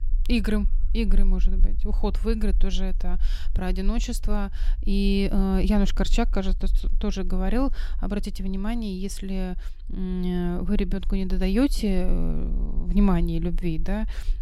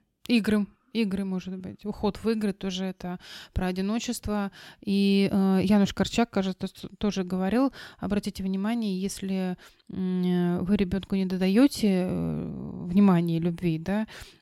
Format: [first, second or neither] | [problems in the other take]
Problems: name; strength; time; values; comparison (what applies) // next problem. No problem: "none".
second | low rumble; faint; throughout; 25 dB below the speech